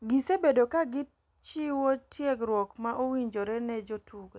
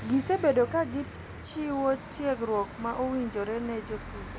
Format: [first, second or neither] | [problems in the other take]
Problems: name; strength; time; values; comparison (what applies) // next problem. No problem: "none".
first | background sound (Church bell / Traffic noise, roadway noise); 12 dB below the speech